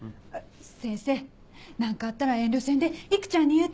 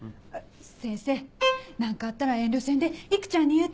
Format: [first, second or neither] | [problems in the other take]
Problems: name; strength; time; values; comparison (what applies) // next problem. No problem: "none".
first | background sound (Bowed string instrument); 4 dB below the speech